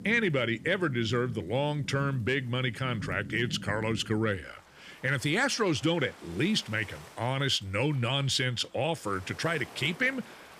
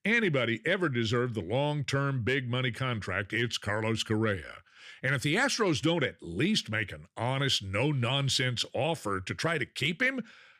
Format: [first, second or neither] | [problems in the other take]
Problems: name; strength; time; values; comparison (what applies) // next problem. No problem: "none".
second | rain or running water; noticeable; throughout; 15 dB below the speech